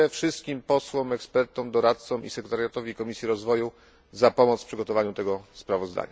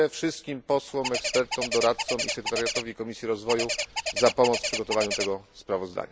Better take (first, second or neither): first